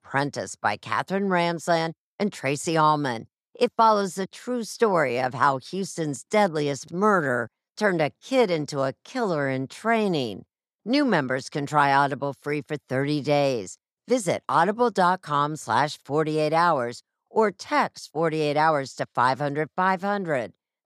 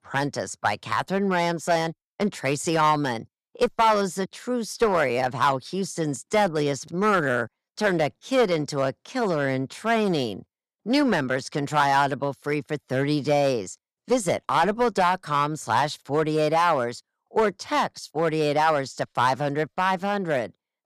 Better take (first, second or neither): first